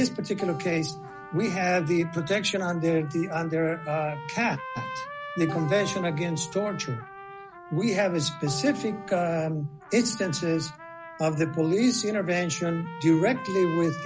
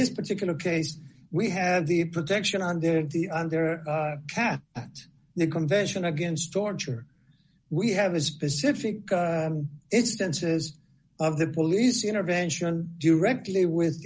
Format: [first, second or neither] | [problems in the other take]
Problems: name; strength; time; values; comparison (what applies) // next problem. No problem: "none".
second | background sound (Trumpet + Acoustic guitar); 13 dB below the speech